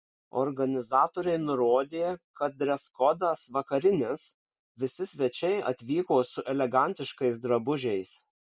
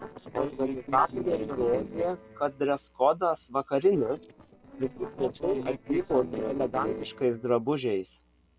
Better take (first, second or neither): first